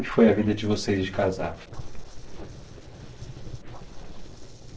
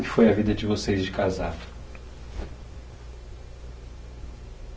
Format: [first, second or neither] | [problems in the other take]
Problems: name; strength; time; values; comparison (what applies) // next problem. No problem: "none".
second | noise reduction (neural separator model SepFormer DNS4)